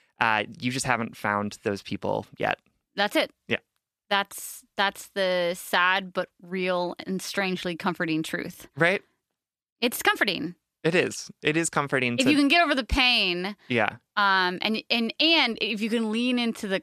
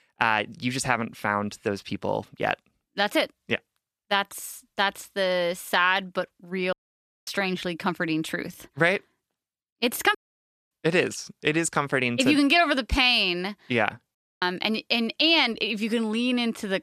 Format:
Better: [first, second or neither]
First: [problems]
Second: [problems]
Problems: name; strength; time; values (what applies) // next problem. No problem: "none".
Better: first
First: none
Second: audio cutting out; at 6.5 s for 0.5 s, at 10 s for 0.5 s and at 14 s